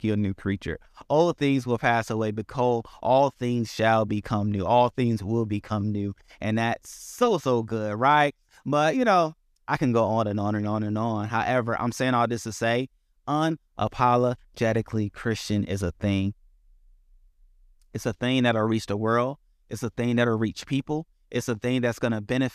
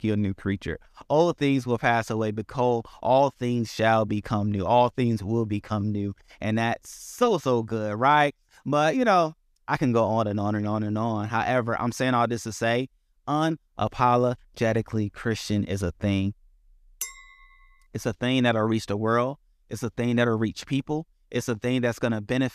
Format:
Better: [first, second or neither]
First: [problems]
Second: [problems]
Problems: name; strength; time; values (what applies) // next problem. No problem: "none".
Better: first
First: none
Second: clattering dishes; noticeable; at 17 s; peak 10 dB below the speech